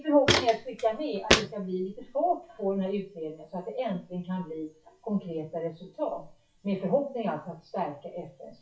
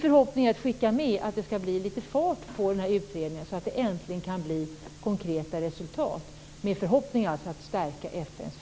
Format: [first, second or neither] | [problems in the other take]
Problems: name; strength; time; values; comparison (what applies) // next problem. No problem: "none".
second | noise reduction (classical method WPE with log-MMSE)